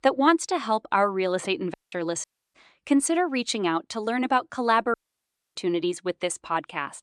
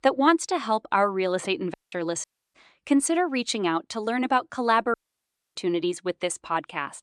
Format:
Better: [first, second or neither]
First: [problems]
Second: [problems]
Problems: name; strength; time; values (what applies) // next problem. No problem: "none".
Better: neither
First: audio cutting out; at 1.5 s, at 2 s and at 5 s for 0.5 s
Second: audio cutting out; at 1.5 s, at 2 s and at 5 s for 0.5 s